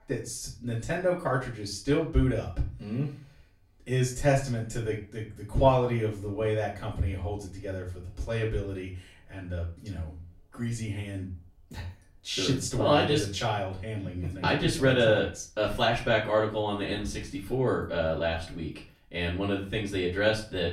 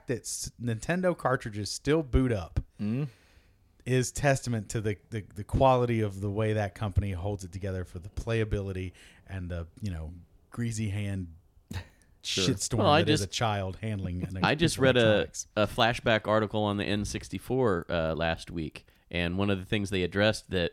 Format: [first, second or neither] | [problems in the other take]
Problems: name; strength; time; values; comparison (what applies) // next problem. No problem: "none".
second | room echo; slight; dies away in 0.3 s // off-mic speech; far